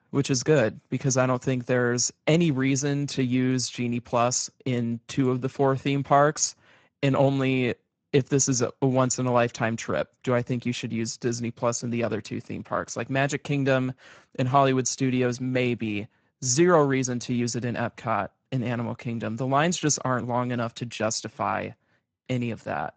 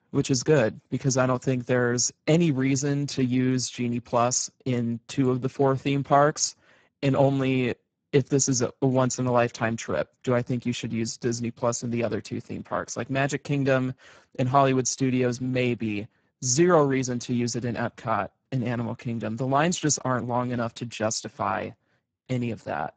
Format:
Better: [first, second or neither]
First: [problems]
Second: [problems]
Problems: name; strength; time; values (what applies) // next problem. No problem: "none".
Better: first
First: garbled, watery; slightly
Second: garbled, watery; badly